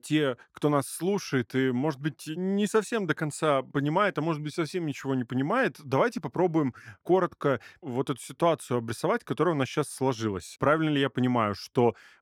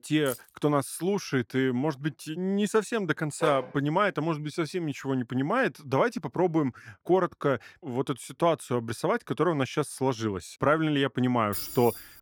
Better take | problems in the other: first | jangling keys; faint; at 0.5 s; peak 15 dB below the speech // dog barking; noticeable; at 3.5 s; peak 6 dB below the speech // jangling keys; noticeable; at 12 s; peak 6 dB below the speech

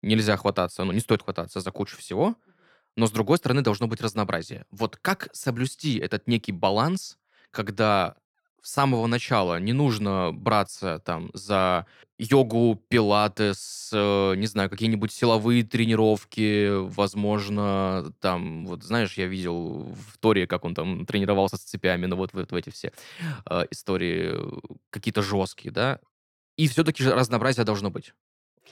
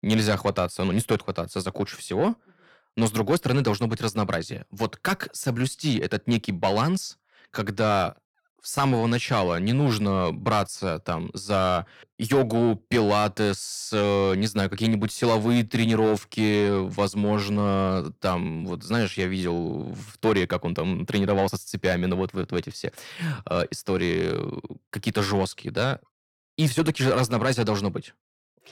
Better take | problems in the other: first | distortion; slight; 10 dB below the speech

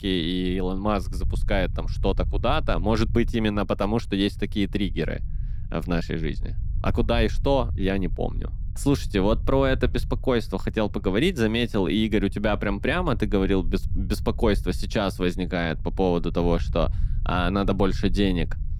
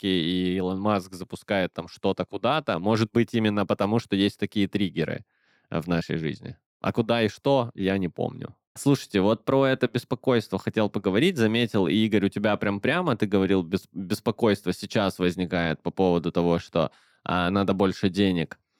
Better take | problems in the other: second | low rumble; faint; throughout; 25 dB below the speech

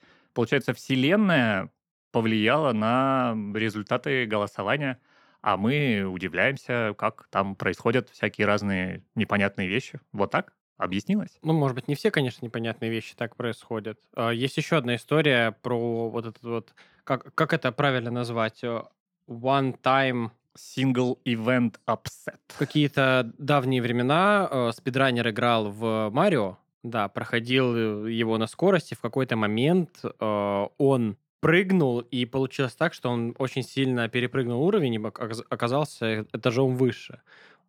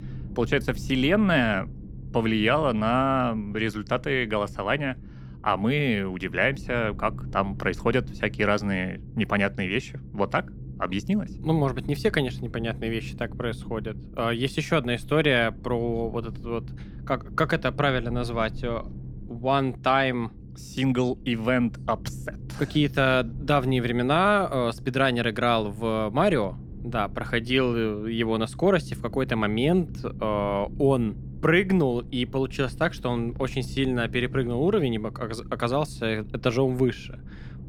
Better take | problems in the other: first | low rumble; faint; throughout; 25 dB below the speech

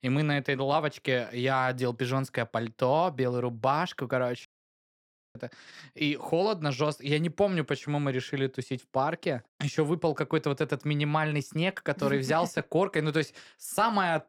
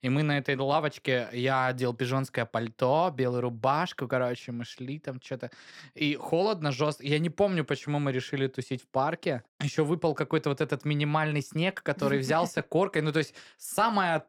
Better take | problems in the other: second | audio cutting out; at 4.5 s for 1 s

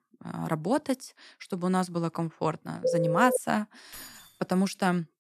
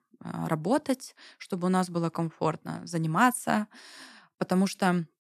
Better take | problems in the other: second | phone ringing; loud; at 3 s; peak 2 dB above the speech // jangling keys; faint; at 4 s; peak 15 dB below the speech

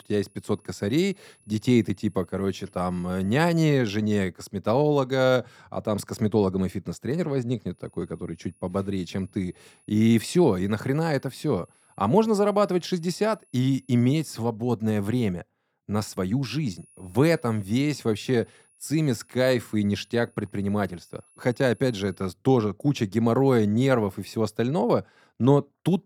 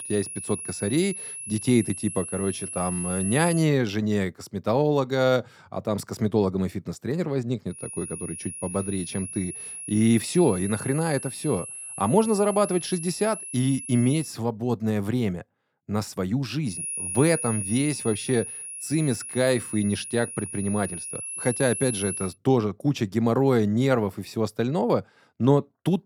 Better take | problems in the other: first | high-pitched whine; loud; until 3.5 s, from 8 to 14 s and from 17 to 22 s; 10.5 kHz, 7 dB below the speech; faint in the first

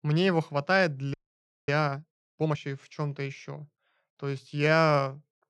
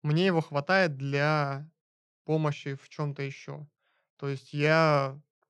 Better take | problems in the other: second | audio freezing; at 1 s for 0.5 s

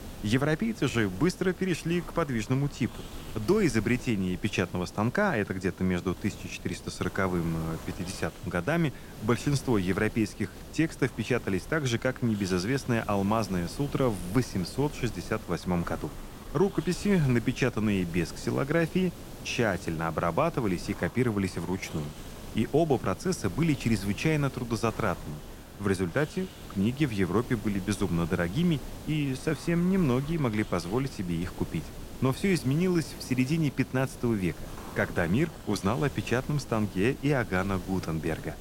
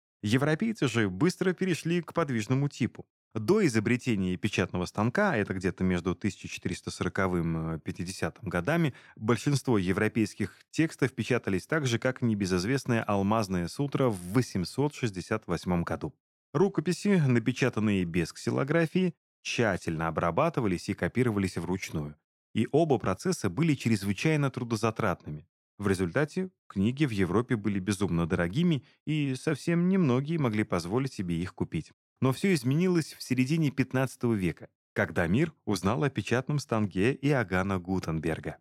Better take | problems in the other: second | hiss; noticeable; throughout; 15 dB below the speech

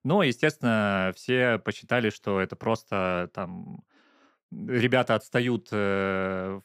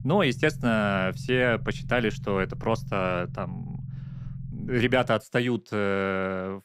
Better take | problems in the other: first | low rumble; faint; until 5 s; 20 dB below the speech

